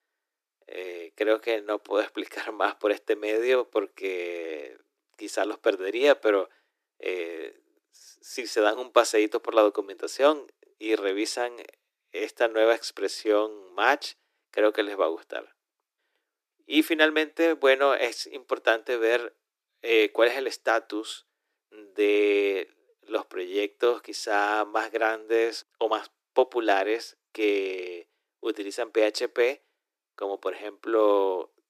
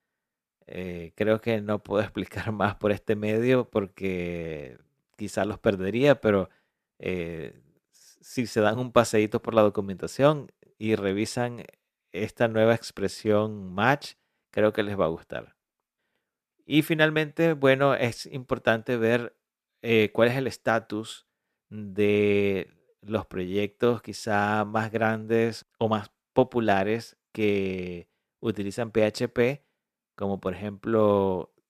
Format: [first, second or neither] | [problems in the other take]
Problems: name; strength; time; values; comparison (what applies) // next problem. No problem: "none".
second | thin; very; fading below 300 Hz